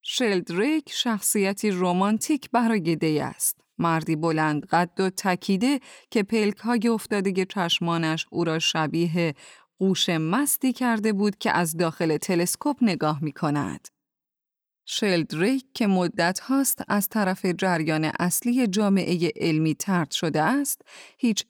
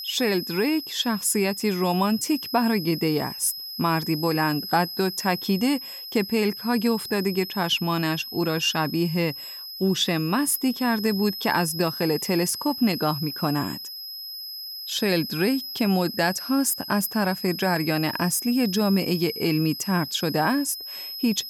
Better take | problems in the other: first | high-pitched whine; loud; throughout; 5 kHz, 8 dB below the speech

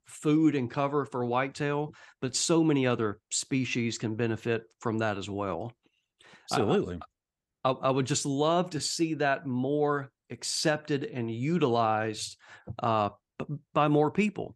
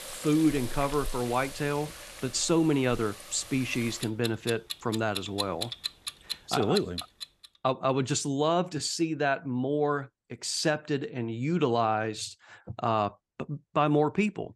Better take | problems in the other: first | household noises; loud; until 7 s; 10 dB below the speech

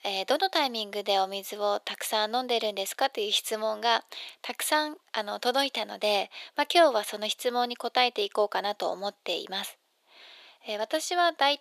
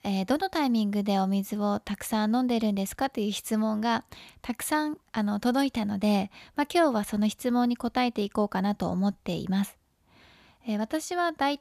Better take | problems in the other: second | thin; very; fading below 400 Hz

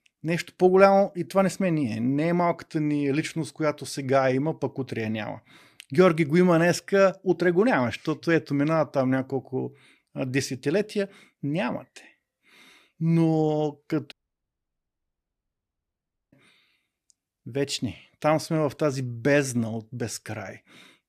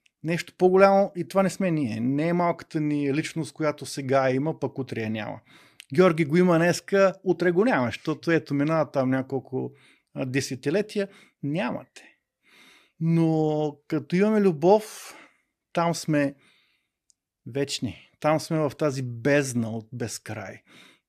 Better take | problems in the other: second | audio cutting out; at 14 s for 2 s

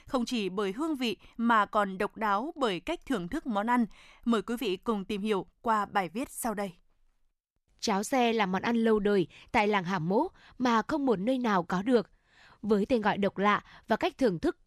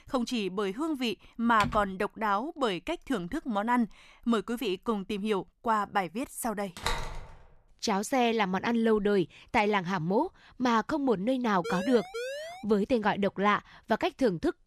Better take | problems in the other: first | keyboard typing; noticeable; at 1.5 s; peak 7 dB below the speech // door banging; noticeable; at 7 s; peak 4 dB below the speech // siren; noticeable; at 12 s; peak 7 dB below the speech

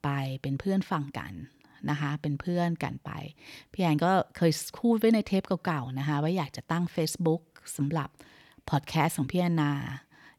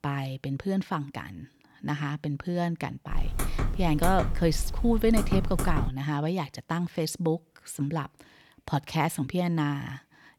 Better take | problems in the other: first | keyboard typing; noticeable; from 3 to 6 s; peak 1 dB below the speech

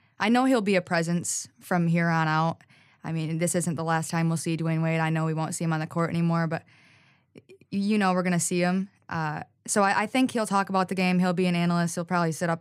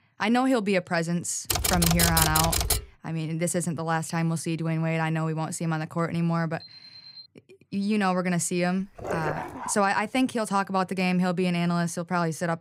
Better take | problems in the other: first | keyboard typing; loud; from 1.5 to 3 s; peak 5 dB above the speech // alarm; faint; at 6.5 s; peak 15 dB below the speech // dog barking; noticeable; at 9 s; peak 5 dB below the speech

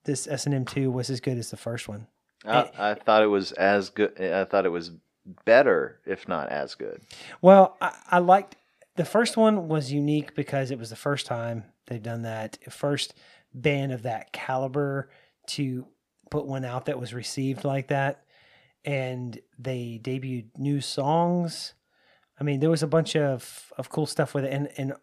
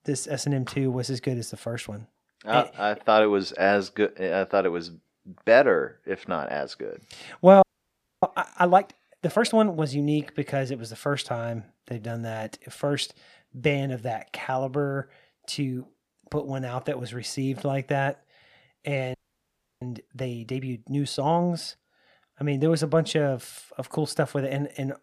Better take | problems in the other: first | audio freezing; at 7.5 s for 0.5 s and at 19 s for 0.5 s

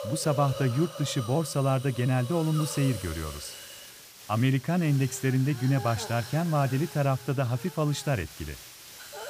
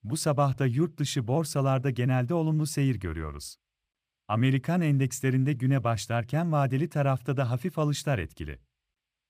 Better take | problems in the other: second | hiss; noticeable; throughout; 15 dB below the speech

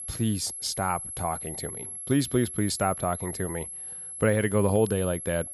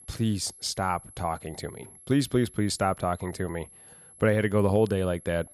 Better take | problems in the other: second | high-pitched whine; loud; throughout; 11 kHz, 7 dB below the speech; faint in the second

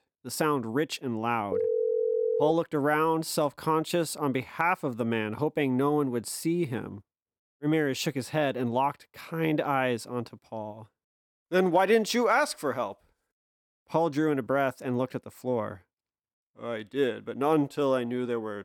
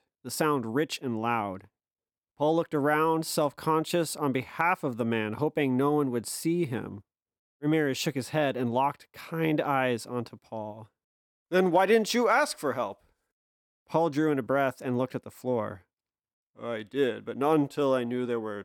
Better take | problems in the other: second | phone ringing; loud; at 1.5 s; peak 1 dB above the speech

